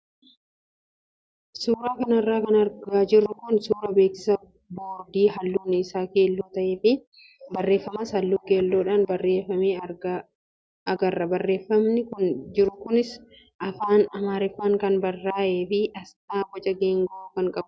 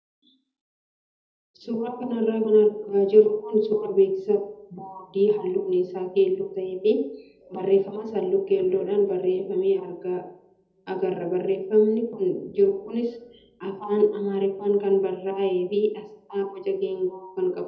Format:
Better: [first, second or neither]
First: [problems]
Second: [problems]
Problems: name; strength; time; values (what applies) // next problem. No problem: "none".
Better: first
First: none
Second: room echo; dies away in 0.8 s